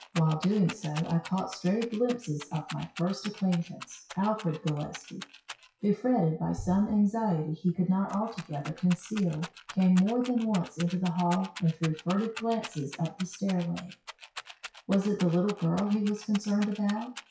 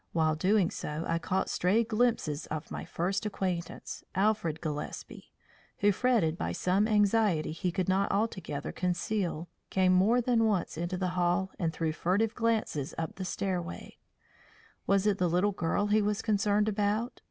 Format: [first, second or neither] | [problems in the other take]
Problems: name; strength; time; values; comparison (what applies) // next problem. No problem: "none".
second | noise reduction (classical method WPE with log-MMSE)